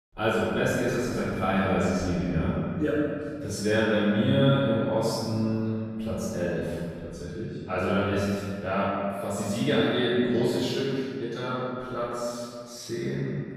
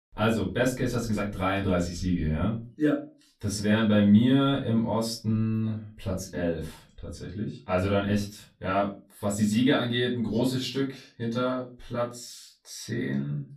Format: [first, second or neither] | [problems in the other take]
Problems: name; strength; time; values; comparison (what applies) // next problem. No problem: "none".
second | room echo; strong; dies away in 2 s; slight in the second // off-mic speech; far; far in the second